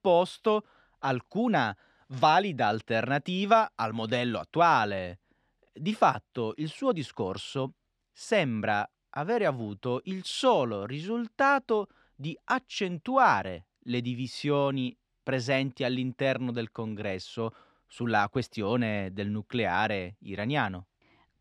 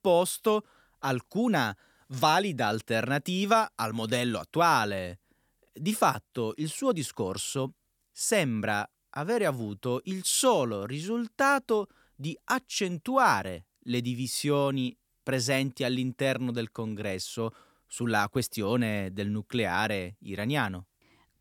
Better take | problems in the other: second | muffled; slightly; fading above 3.5 kHz

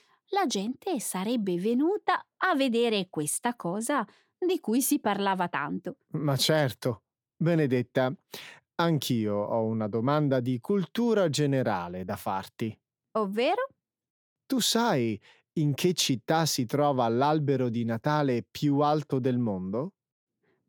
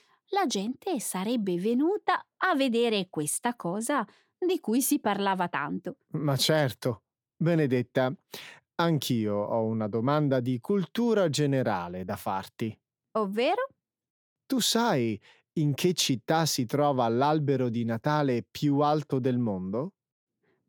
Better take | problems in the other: neither | none

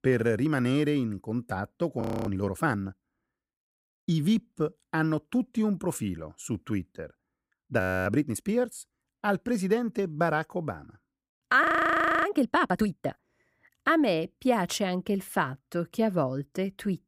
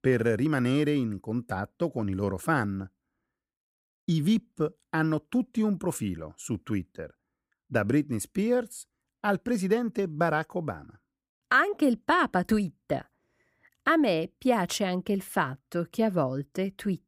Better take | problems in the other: second | audio freezing; at 2 s, at 8 s and at 12 s for 0.5 s

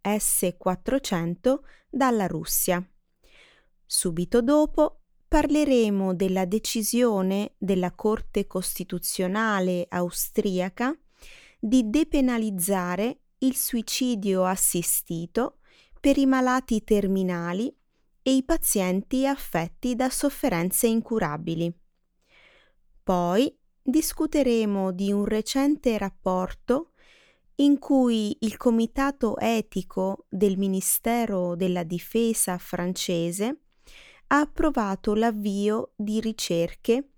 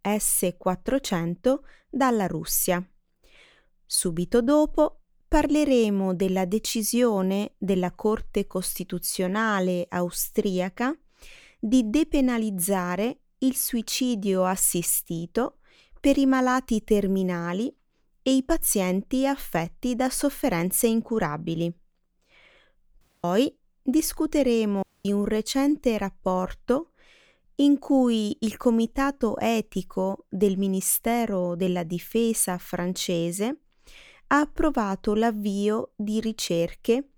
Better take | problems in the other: first | audio cutting out; at 23 s and at 25 s

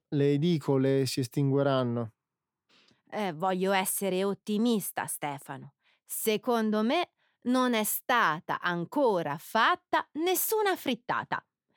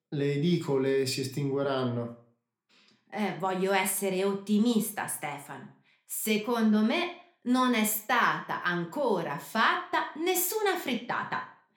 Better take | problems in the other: first | room echo; very slight; dies away in 0.4 s

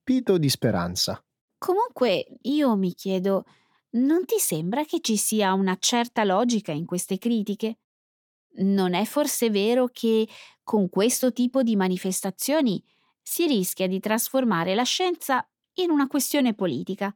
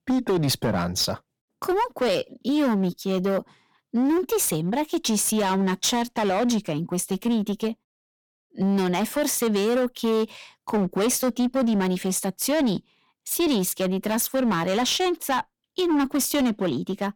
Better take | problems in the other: first | distortion; slight; 15% of the sound clipped

